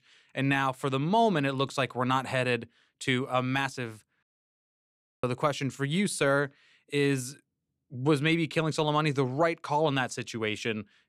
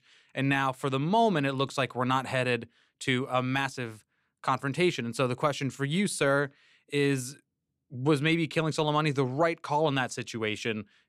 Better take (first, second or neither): second